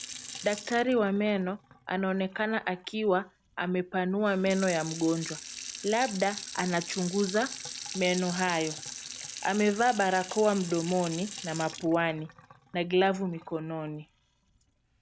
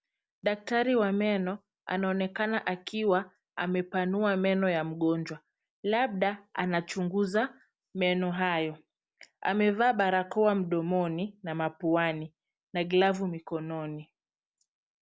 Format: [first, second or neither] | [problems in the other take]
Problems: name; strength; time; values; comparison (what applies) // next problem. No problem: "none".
second | background sound (Sink (filling or washing) / Water tap, faucet); 13 dB below the speech